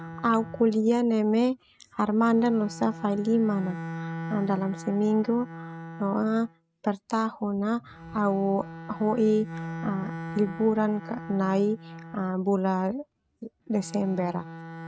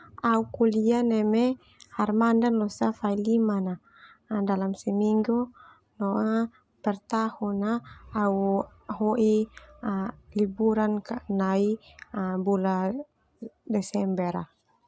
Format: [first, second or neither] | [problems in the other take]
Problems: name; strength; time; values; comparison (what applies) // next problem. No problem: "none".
second | noise reduction (neural mask model RNNoise)